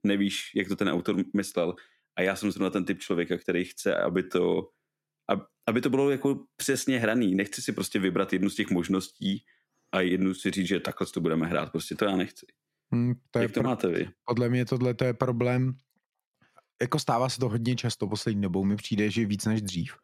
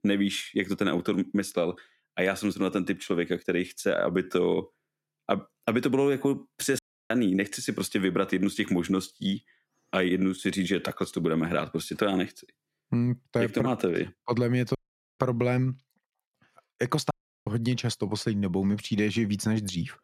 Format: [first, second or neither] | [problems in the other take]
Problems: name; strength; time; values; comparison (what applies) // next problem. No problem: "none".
first | audio cutting out; at 7 s, at 15 s and at 17 s